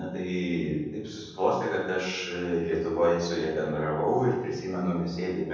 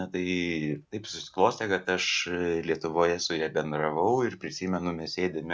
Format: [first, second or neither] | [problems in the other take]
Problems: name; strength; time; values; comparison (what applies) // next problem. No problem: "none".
second | room echo; dies away in 1.1 s